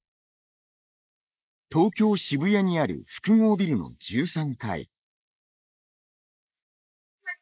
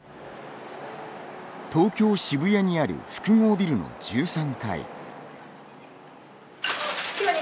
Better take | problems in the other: second | noise reduction (neural mask model Resemble Enhance denoiser)

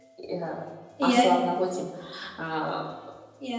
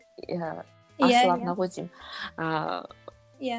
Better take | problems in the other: second | room echo; dies away in 1 s

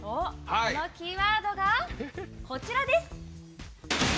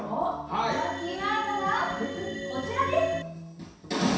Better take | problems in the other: first | background sound (Organ); 7 dB below the speech // room echo; dies away in 0.7 s

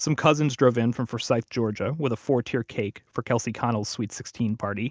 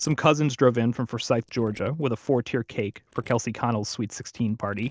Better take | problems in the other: first | noise reduction (neural separator model SepFormer DNS4)

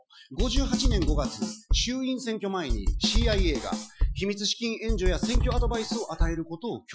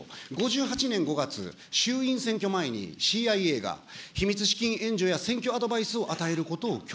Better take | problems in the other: second | noise reduction (classical method Wiener filter)

